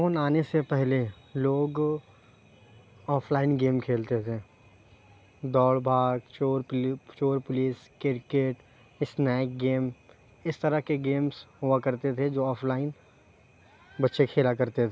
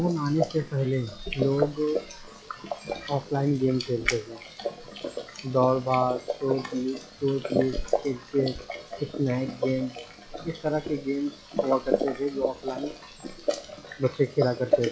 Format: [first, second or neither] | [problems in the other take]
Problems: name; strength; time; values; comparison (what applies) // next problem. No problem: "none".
first | noise reduction (classical method log-MMSE)